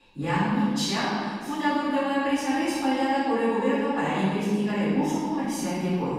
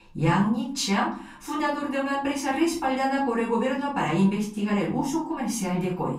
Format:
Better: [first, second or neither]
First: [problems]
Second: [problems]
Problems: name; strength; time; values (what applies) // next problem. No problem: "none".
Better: second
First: room echo; strong; dies away in 1.8 s // off-mic speech; far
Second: room echo; slight; dies away in 0.4 s // off-mic speech; far